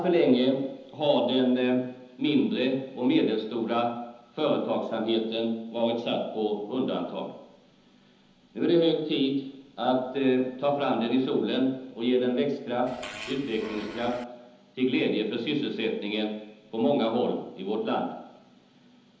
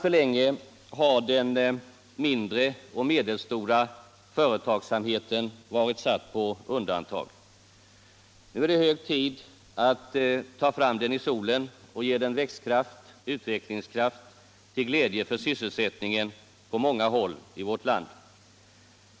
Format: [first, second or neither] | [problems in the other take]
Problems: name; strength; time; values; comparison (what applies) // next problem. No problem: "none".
second | background sound (Fart); 13 dB below the speech // room echo; dies away in 0.9 s